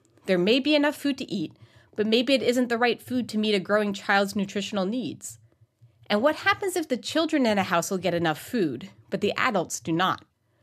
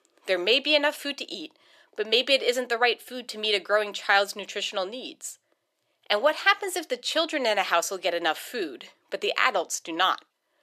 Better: first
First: none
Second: thin; very; fading below 450 Hz

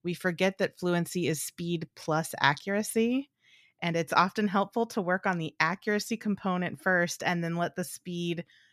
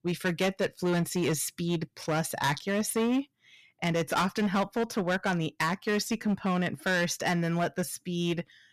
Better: first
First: none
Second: distortion; heavy; 11% of the sound clipped

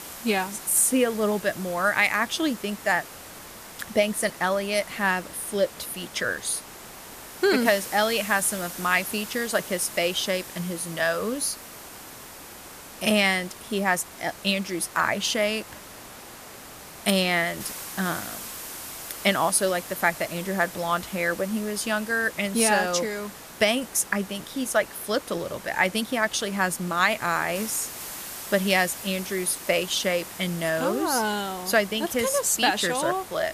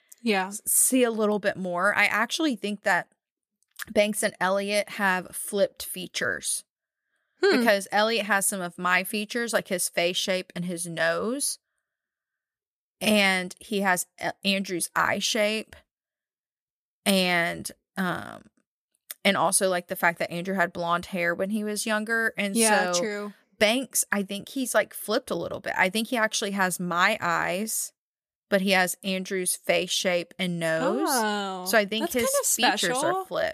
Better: second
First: hiss; noticeable; throughout; 15 dB below the speech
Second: none

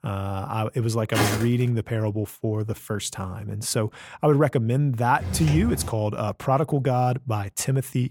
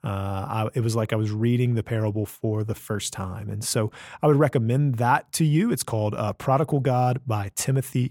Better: second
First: footsteps; loud; at 1 s; peak level with the speech // footsteps; noticeable; at 5 s; peak 4 dB below the speech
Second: none

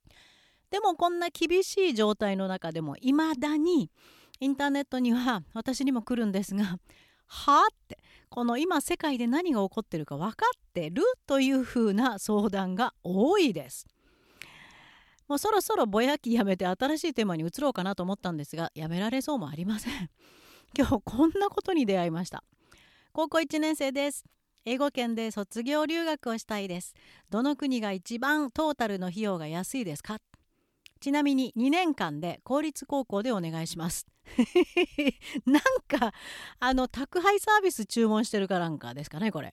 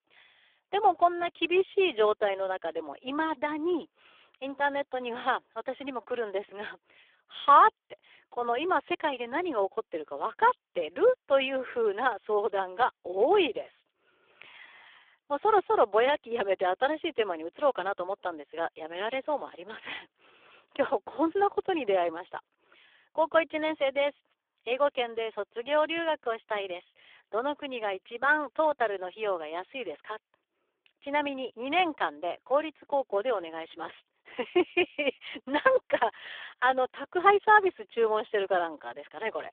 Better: first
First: none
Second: phone-call audio; poor line

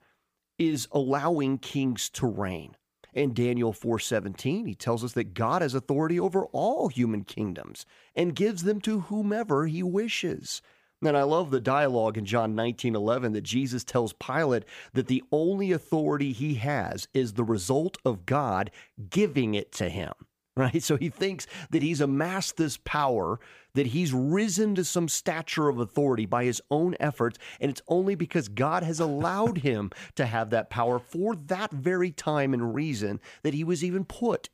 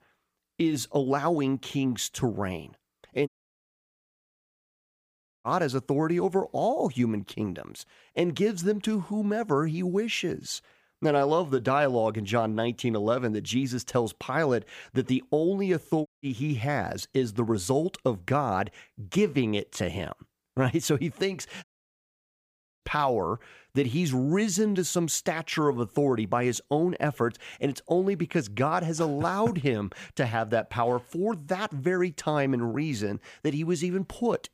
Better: first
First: none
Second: audio cutting out; at 3.5 s for 2 s, at 16 s and at 22 s for 1 s

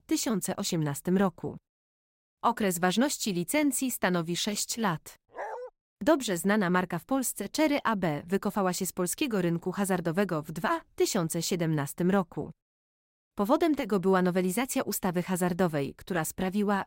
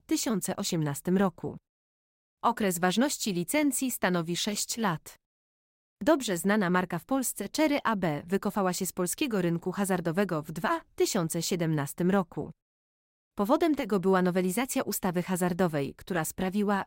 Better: second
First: dog barking; faint; at 5.5 s; peak 10 dB below the speech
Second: none

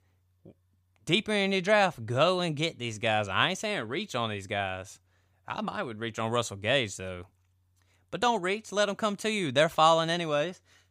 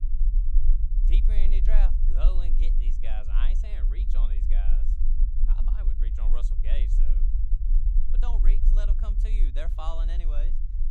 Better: first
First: none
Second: low rumble; loud; throughout; 7 dB below the speech

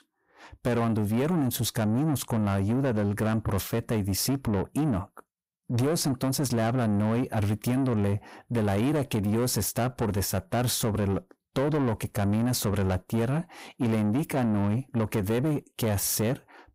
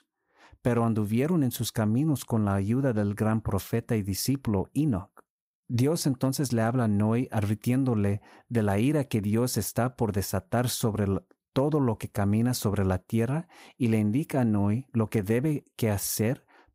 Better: second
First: distortion; slight; 10 dB below the speech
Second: none

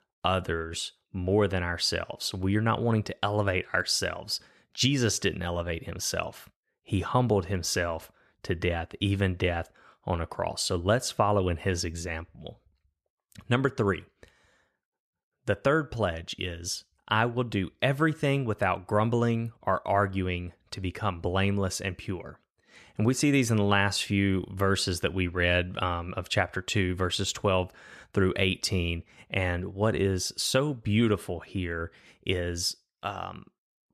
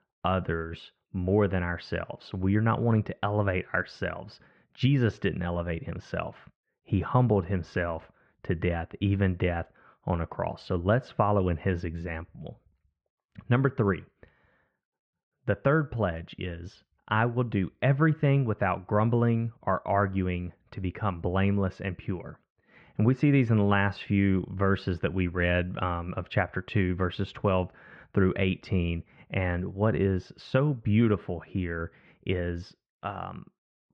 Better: first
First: none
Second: muffled; very; fading above 2.5 kHz

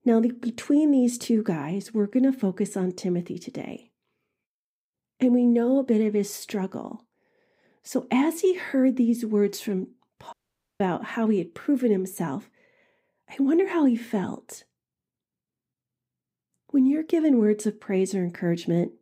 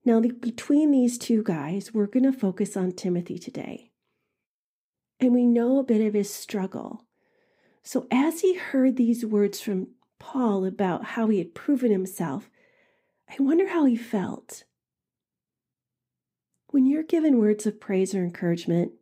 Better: second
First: audio cutting out; at 10 s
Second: none

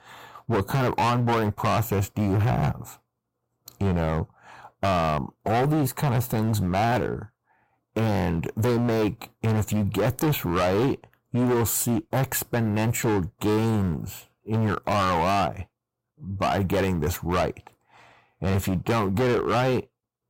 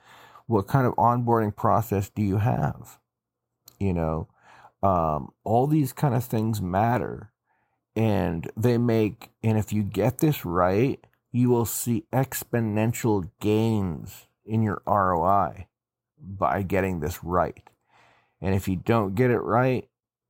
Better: second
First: distortion; heavy; 19% of the sound clipped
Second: none

